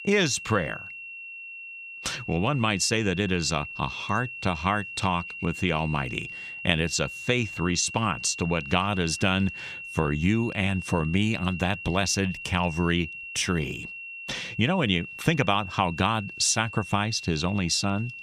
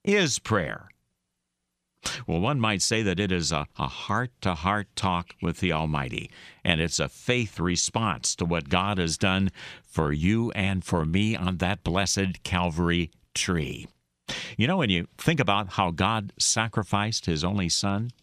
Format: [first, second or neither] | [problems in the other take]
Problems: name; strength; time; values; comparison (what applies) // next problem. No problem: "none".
second | high-pitched whine; noticeable; throughout; 2.5 kHz, 10 dB below the speech